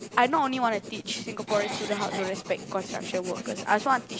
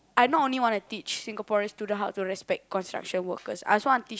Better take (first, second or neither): second